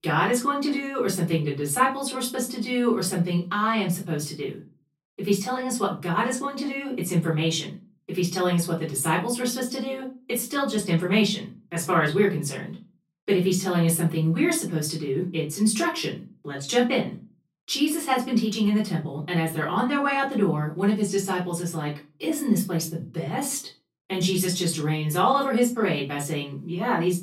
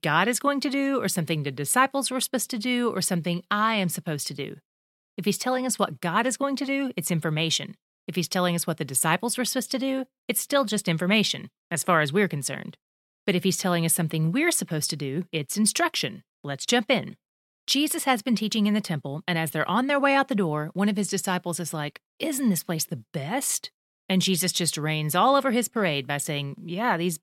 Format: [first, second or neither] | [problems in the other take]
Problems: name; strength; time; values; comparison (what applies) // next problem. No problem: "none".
second | off-mic speech; far // room echo; slight; dies away in 0.3 s